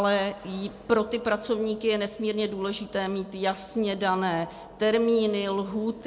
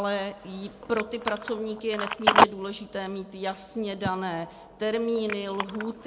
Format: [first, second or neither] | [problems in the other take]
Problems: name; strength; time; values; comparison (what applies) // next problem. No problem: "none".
first | background sound (Telephone); 1 dB above the speech